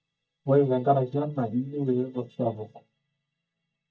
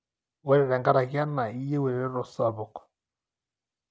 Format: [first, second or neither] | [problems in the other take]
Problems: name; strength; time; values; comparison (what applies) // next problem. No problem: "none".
second | noise reduction (neural mask model DeepFilterNet 3)